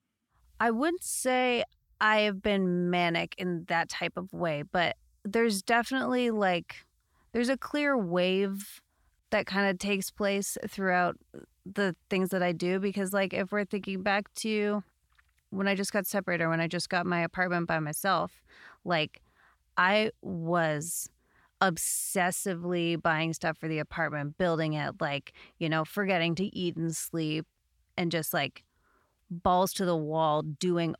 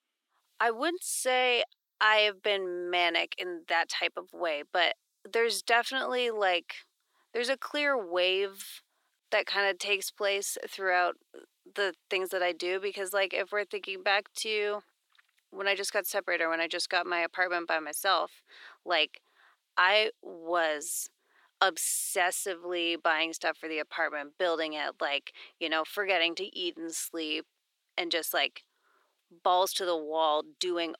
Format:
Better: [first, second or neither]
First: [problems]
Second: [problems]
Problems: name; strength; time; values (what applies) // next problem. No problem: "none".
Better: first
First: none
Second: thin; very; fading below 350 Hz